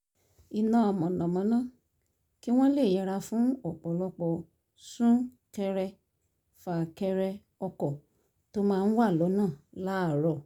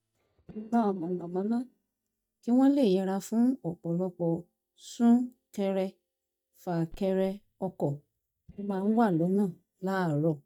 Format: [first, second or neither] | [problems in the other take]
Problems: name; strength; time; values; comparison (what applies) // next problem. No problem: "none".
first | noise reduction (neural mask model DeepFilterNet 3)